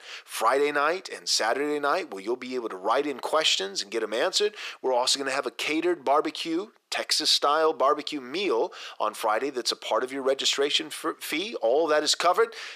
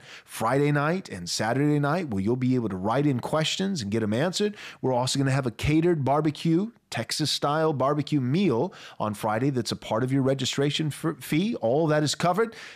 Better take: second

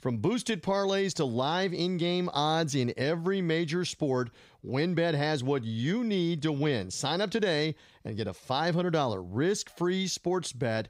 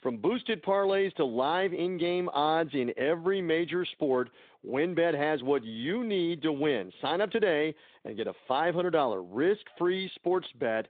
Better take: first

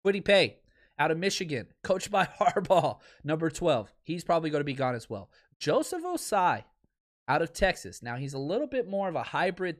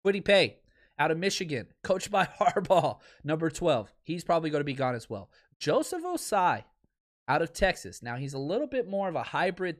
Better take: neither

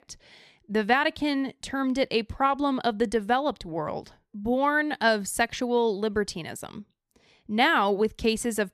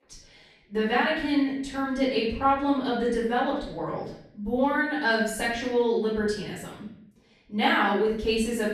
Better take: first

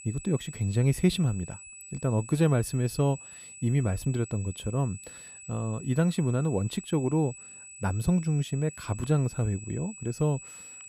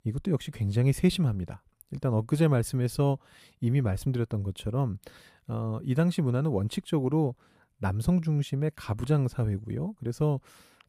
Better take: second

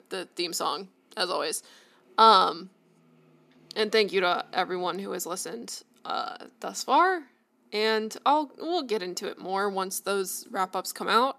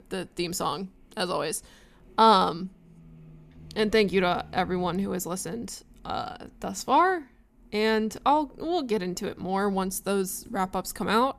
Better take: second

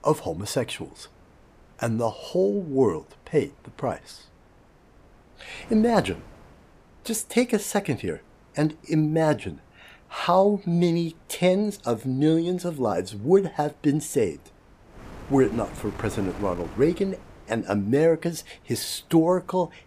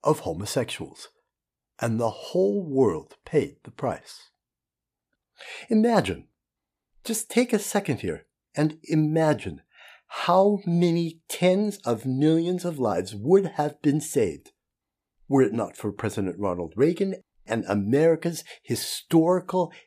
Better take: second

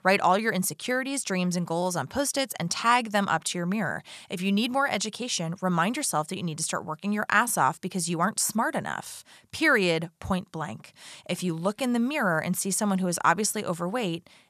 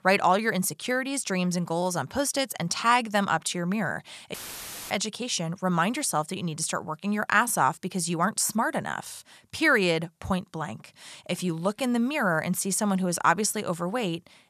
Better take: first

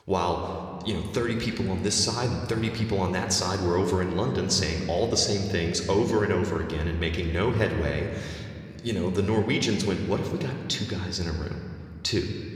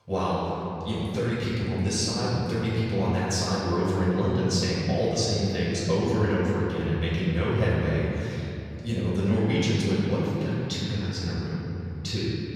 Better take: first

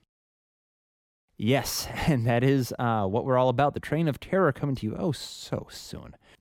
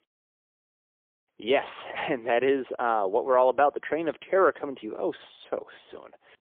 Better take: first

